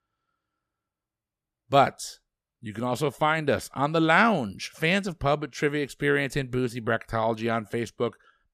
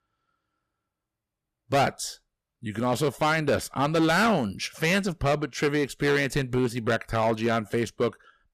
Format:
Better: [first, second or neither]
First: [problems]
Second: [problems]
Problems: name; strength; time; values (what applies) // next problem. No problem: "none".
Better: first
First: none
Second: distortion; heavy; 7% of the sound clipped